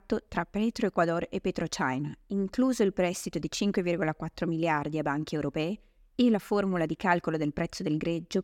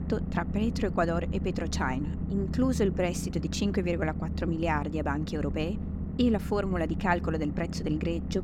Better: first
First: none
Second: low rumble; noticeable; throughout; 10 dB below the speech

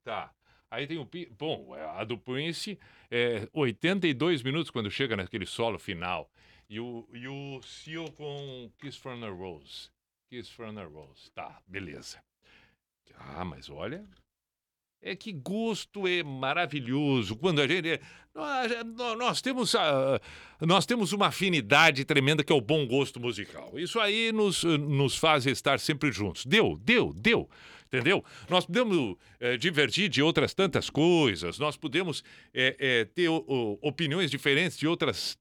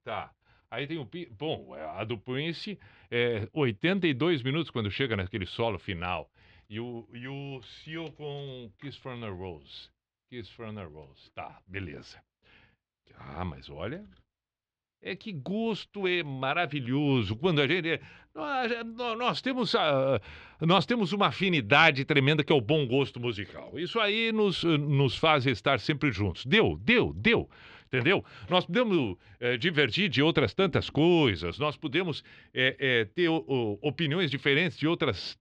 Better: first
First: none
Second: muffled; very slightly; fading above 4 kHz

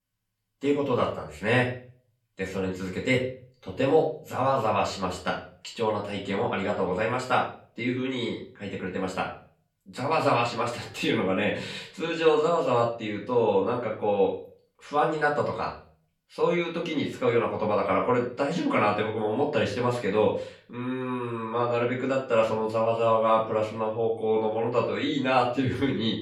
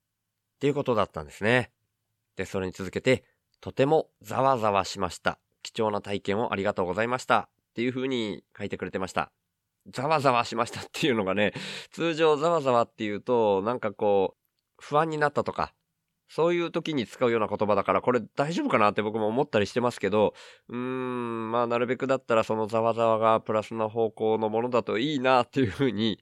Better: second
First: room echo; slight; dies away in 0.4 s // off-mic speech; far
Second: none

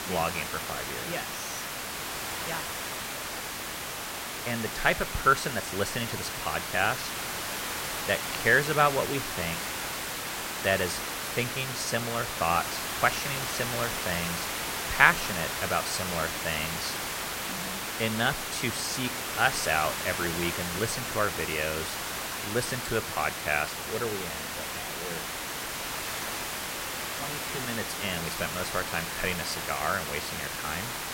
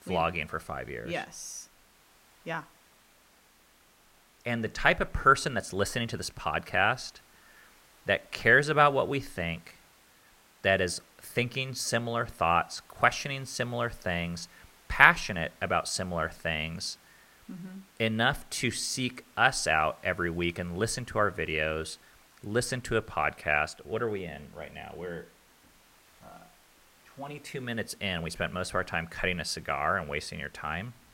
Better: second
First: hiss; loud; throughout; 2 dB below the speech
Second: hiss; faint; throughout; 30 dB below the speech

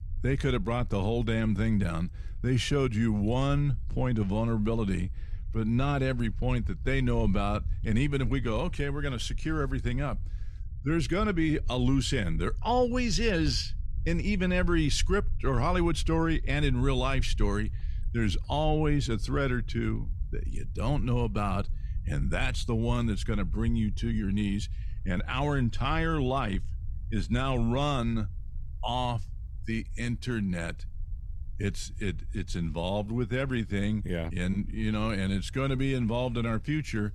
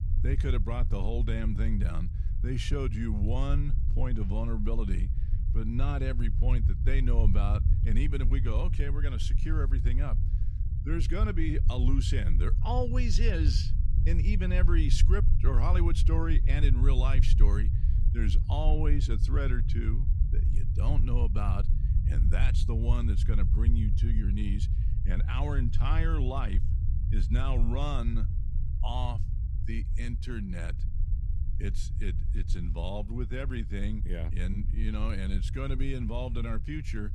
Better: first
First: low rumble; faint; throughout; 25 dB below the speech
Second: low rumble; loud; throughout; 9 dB below the speech

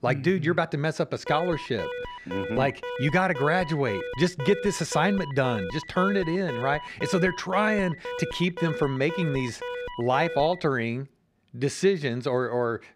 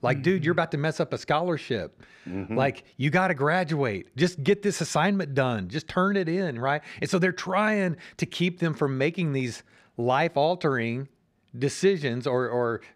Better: second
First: alarm; noticeable; from 1.5 to 11 s; peak 8 dB below the speech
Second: none

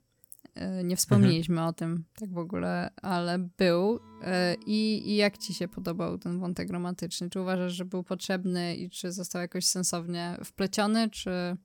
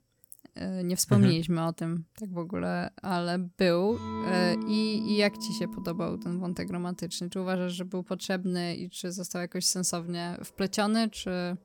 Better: first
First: background music; faint; from 4 s on; 25 dB below the speech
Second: background music; loud; from 4 s on; 7 dB below the speech

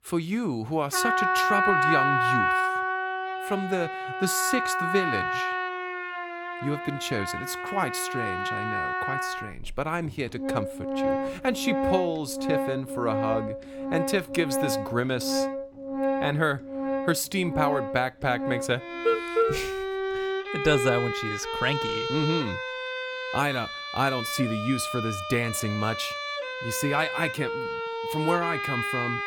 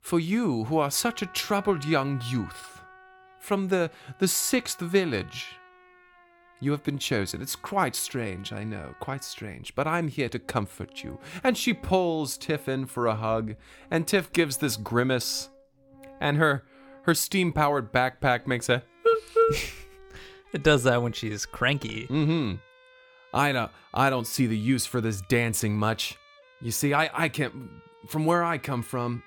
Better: second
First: background music; loud; throughout; as loud as the speech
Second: background music; faint; throughout; 25 dB below the speech

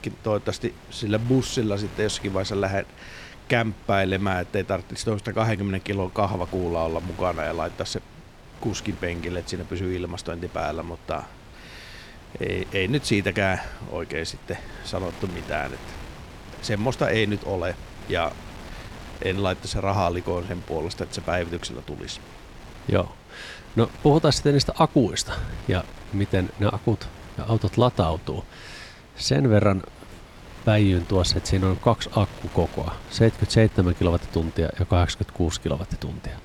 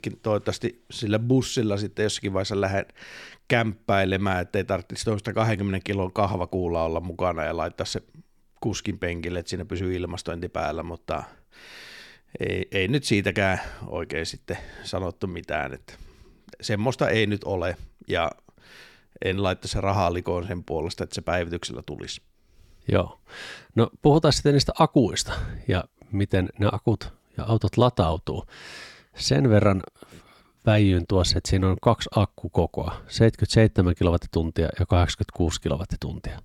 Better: second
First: wind noise on the microphone; occasional gusts; 15 dB below the speech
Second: none

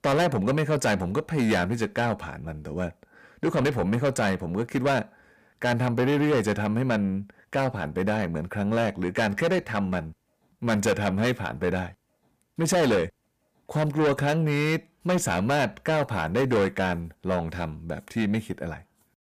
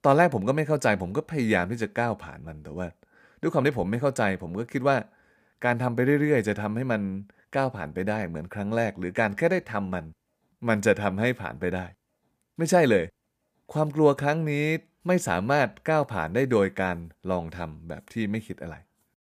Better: second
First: distortion; heavy; 6 dB below the speech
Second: none

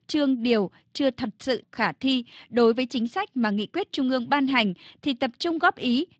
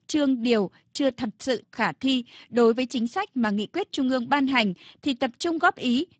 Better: first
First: garbled, watery; slightly; nothing above 8 kHz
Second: garbled, watery; badly; nothing above 7.5 kHz

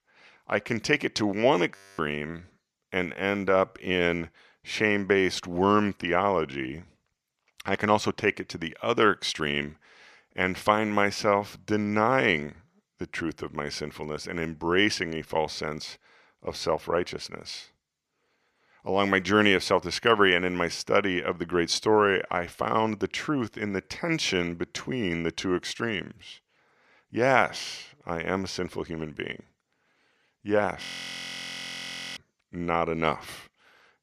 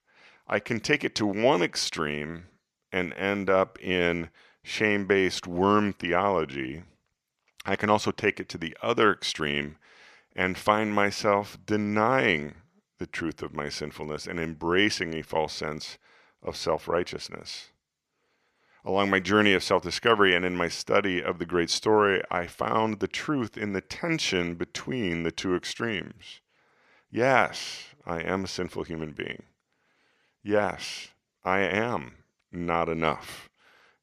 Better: second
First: audio freezing; at 2 s and at 31 s for 1.5 s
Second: none

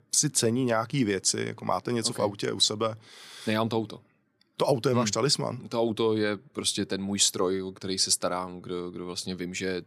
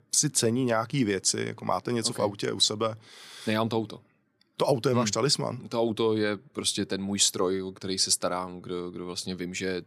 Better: neither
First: none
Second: none

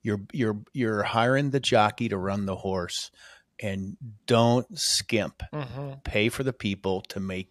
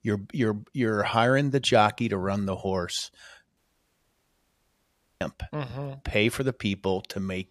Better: first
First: none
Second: audio cutting out; at 3.5 s for 1.5 s

